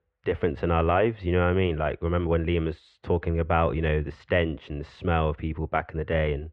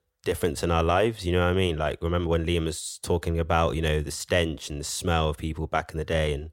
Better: second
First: muffled; very; fading above 2.5 kHz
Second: none

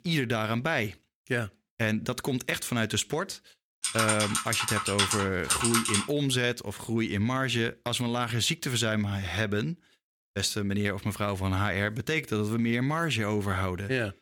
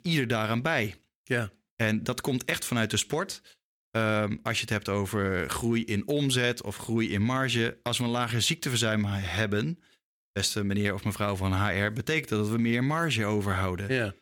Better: second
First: keyboard typing; loud; from 4 to 6 s; peak 4 dB above the speech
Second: none

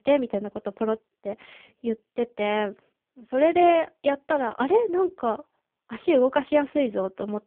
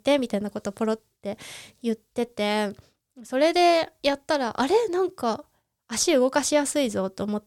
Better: second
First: phone-call audio; poor line; nothing above 3 kHz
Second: none

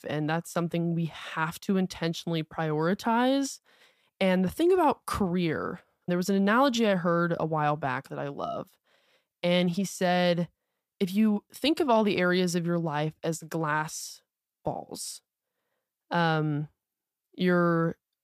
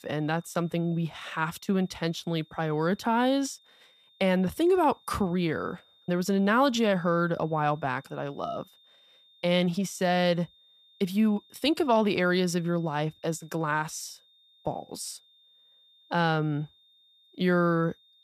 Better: first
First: none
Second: high-pitched whine; faint; throughout; 3.5 kHz, 30 dB below the speech

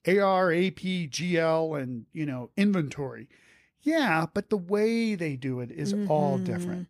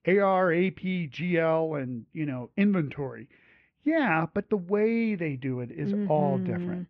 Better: first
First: none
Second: muffled; very; fading above 2.5 kHz

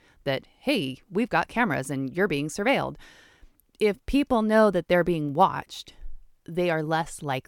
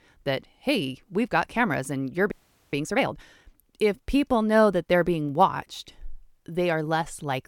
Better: first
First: none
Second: audio freezing; at 2.5 s

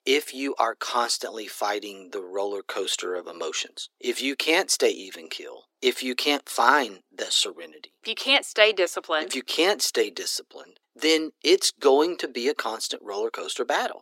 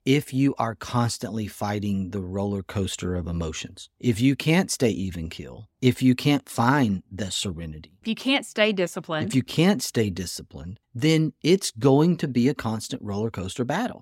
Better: second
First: thin; very; fading below 350 Hz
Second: none

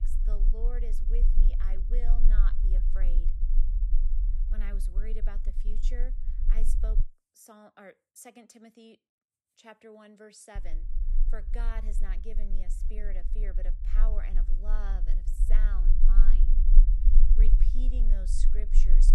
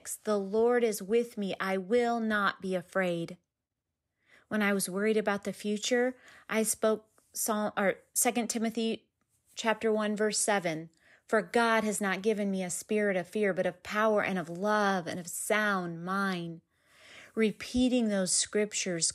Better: second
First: low rumble; loud; until 7 s and from 11 s on; 7 dB below the speech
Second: none

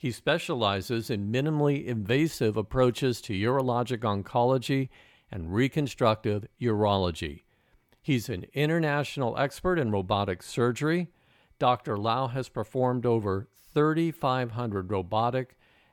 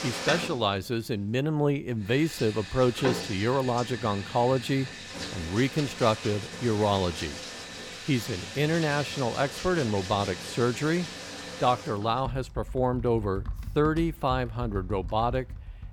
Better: first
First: none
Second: household noises; loud; throughout; 9 dB below the speech

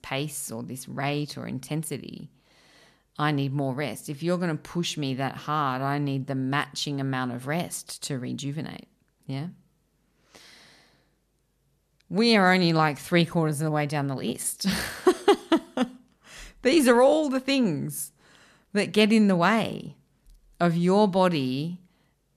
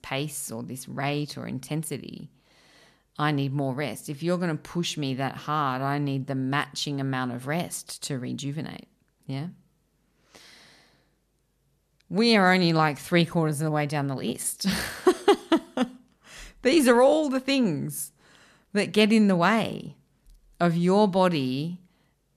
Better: neither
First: none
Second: none

